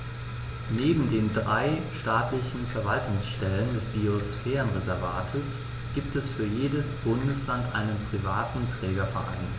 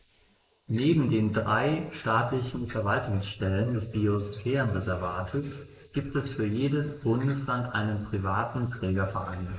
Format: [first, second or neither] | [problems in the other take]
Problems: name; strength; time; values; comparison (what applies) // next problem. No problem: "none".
first | noise reduction (neural mask model Resemble Enhance denoiser)